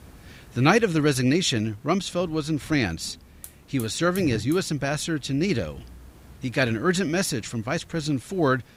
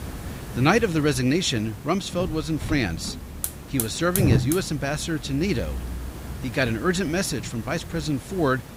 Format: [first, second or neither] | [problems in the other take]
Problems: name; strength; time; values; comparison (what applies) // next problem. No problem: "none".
first | hiss; loud; throughout; 7 dB below the speech; faint in the first